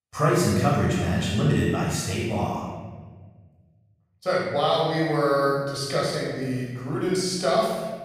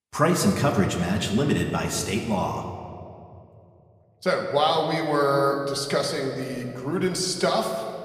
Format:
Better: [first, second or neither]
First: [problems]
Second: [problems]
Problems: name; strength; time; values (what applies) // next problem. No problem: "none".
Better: second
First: room echo; strong; dies away in 1.4 s // off-mic speech; far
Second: room echo; slight; dies away in 1.7 s // off-mic speech; somewhat distant